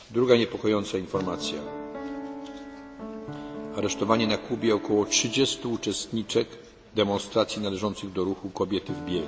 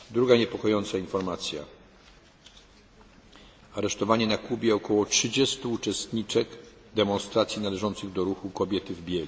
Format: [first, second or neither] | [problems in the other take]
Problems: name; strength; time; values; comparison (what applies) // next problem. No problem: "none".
second | background sound (Piano); 12 dB below the speech